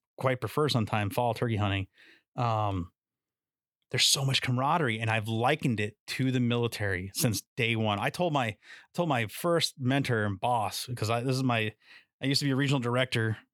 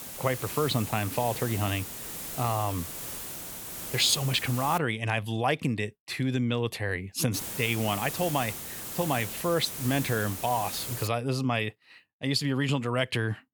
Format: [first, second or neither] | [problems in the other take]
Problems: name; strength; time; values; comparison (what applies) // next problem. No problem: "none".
first | hiss; loud; until 5 s and from 7.5 to 11 s; 6 dB below the speech